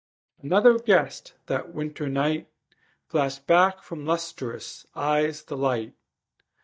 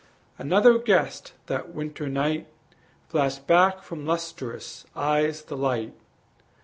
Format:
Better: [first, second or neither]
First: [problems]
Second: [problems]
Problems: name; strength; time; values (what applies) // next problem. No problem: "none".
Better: second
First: noise reduction (neural mask model DeepFilterNet 3)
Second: none